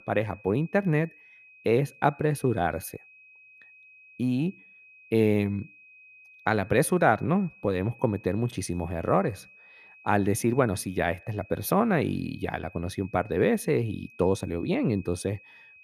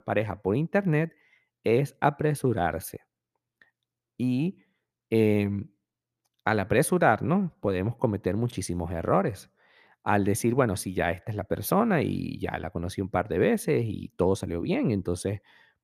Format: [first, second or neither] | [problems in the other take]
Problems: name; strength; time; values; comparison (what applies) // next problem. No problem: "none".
second | high-pitched whine; faint; throughout; 2.5 kHz, 25 dB below the speech